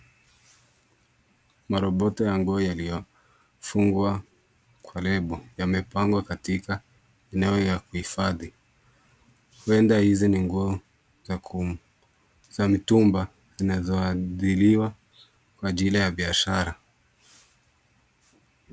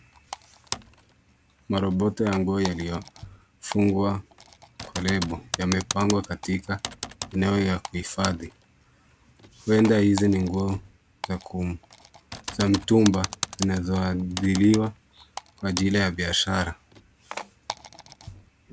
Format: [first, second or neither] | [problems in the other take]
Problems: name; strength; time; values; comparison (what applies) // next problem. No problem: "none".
first | background sound (Typing); 13 dB below the speech